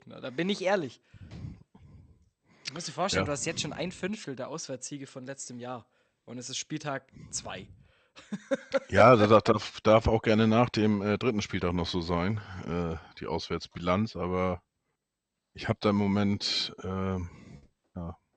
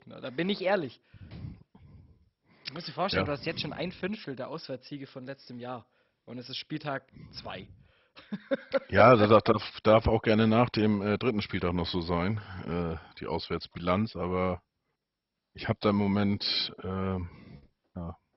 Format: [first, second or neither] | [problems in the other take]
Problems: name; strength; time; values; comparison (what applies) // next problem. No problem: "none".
first | garbled, watery; badly; nothing above 5.5 kHz; slightly in the first